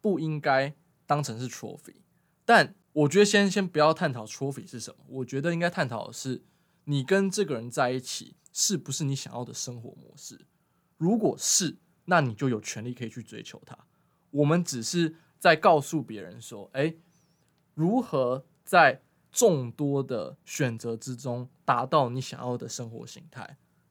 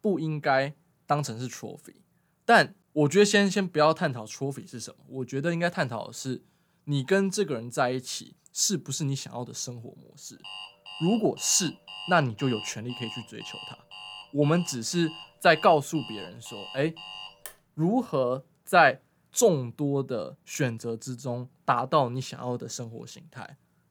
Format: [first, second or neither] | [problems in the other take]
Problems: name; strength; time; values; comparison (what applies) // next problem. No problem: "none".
first | alarm; faint; from 10 to 18 s; peak 10 dB below the speech